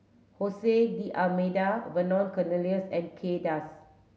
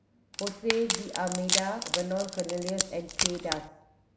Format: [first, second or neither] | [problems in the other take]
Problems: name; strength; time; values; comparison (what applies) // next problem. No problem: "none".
first | background sound (Wood); as loud as the speech